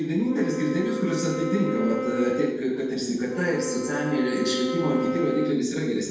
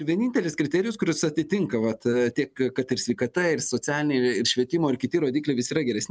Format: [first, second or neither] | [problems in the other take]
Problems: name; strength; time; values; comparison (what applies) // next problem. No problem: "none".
second | background sound (Wind instrument, woodwind instrument); 7 dB below the speech // room echo; dies away in 1.1 s